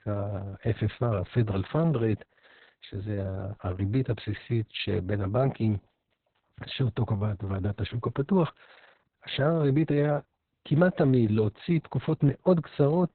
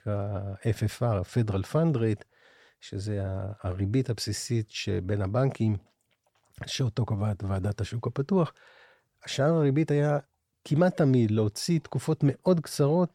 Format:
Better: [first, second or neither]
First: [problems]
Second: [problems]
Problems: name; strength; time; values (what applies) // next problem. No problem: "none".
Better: second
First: garbled, watery; badly; nothing above 4 kHz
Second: none